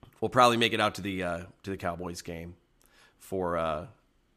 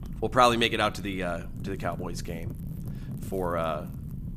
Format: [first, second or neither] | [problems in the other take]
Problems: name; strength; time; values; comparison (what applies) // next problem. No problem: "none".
first | wind noise on the microphone; occasional gusts; 25 dB below the speech